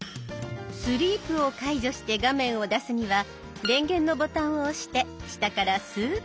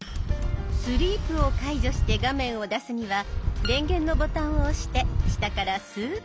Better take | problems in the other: first | background sound (Wind); 3 dB above the speech

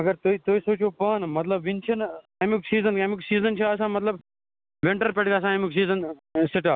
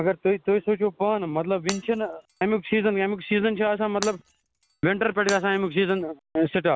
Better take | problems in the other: first | background sound (Shatter); 16 dB below the speech

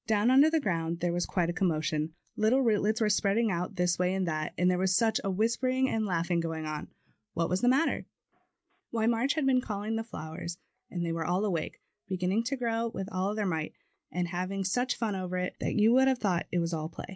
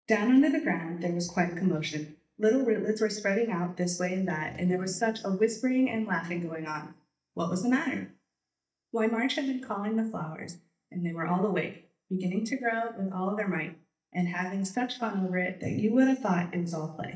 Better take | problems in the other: first | noise reduction (neural mask model DeepFilterNet 3)

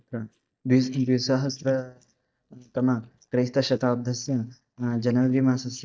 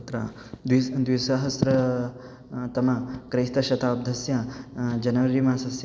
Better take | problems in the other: second | noise reduction (neural mask model DeepFilterNet 3)

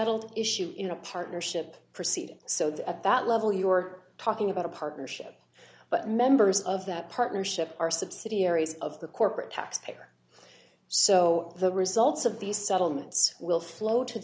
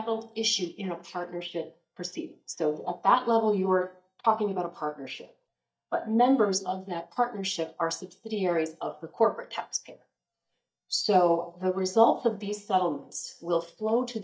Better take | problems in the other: first | noise reduction (neural mask model DeepFilterNet 3)

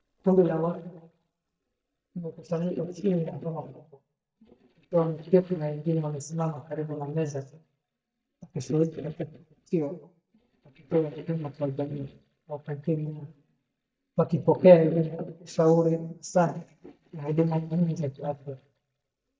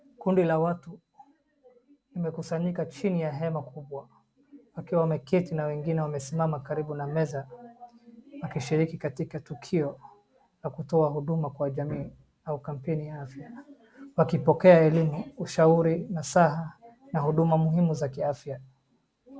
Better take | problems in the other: second | noise reduction (neural mask model DeepFilterNet 3)

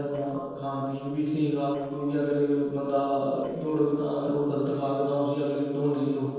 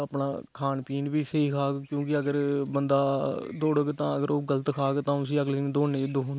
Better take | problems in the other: second | noise reduction (neural separator model SepFormer DNS4)

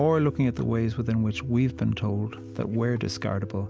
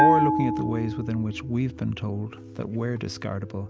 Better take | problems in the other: first | background sound (Bell); 1 dB above the speech

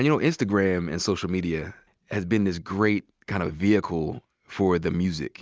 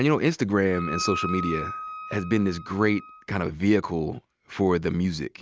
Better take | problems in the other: first | background sound (Wind instrument, woodwind instrument); 10 dB below the speech

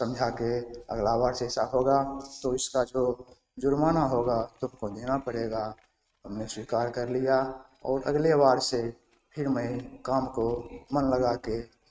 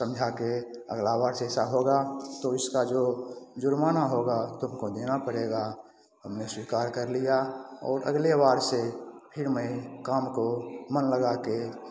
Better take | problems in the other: second | noise reduction (neural mask model RNNoise)

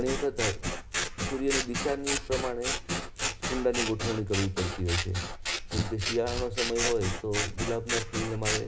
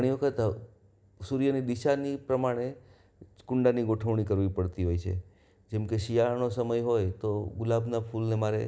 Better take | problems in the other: second | background sound (Scissors); 1 dB below the speech // room echo; dies away in 0.3 s

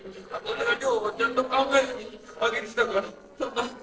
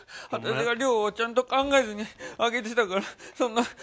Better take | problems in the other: second | noise reduction (neural separator model SepFormer DNS4)

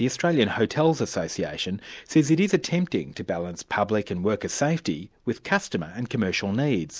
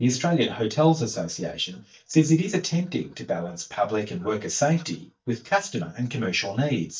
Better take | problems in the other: first | noise reduction (neural mask model DeepFilterNet 3)

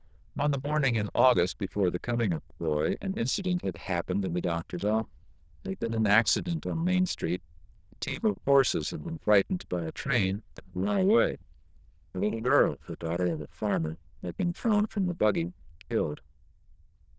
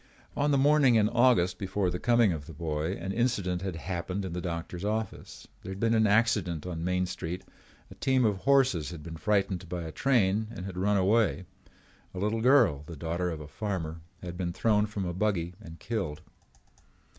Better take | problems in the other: second | noise reduction (neural diffusion model UNIVERSE++)

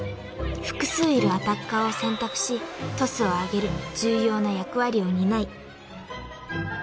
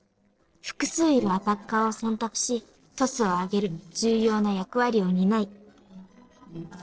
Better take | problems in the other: first | noise reduction (neural separator model SepFormer DNS4)

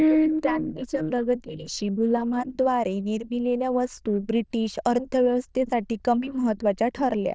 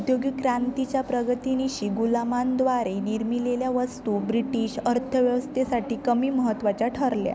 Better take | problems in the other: second | noise reduction (neural diffusion model UNIVERSE++)

